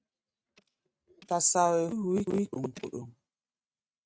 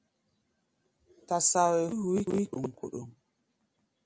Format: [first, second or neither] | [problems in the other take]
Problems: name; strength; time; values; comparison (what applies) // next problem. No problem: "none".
second | noise reduction (neural mask model RNNoise)